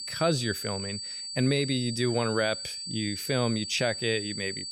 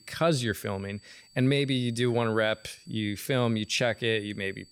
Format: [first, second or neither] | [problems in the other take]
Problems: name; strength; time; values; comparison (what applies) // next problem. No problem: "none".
second | high-pitched whine; loud; throughout; 4.5 kHz, 5 dB below the speech; faint in the second